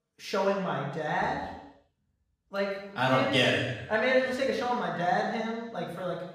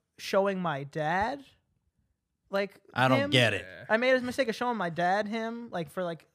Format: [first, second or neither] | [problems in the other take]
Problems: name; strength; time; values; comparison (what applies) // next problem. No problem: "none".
second | room echo; noticeable; dies away in 0.9 s // off-mic speech; far